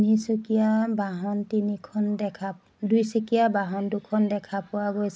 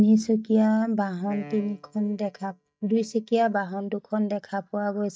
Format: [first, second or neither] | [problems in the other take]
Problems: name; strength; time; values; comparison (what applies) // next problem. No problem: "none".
first | noise reduction (neural mask model DeepFilterNet 3)